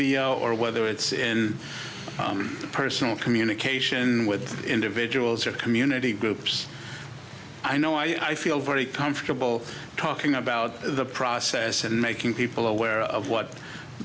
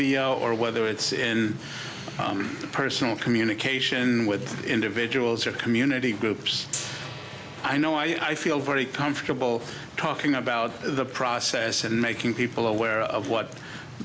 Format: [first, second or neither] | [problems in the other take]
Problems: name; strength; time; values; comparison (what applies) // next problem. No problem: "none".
first | background sound (Tools + Gong); 20 dB below the speech